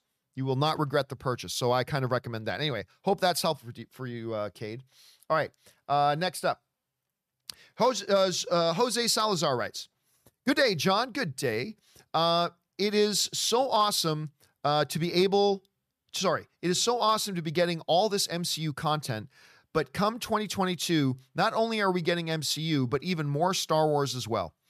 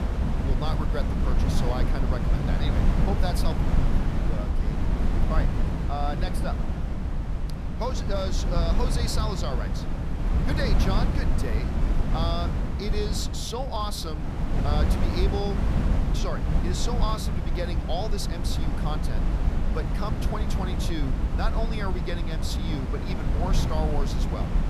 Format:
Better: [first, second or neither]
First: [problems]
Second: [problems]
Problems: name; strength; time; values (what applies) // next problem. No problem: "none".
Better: first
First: none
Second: wind noise on the microphone; heavy; 2 dB below the speech